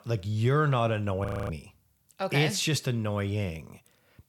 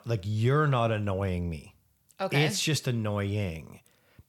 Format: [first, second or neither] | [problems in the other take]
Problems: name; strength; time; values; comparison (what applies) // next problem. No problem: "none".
second | audio freezing; at 1.5 s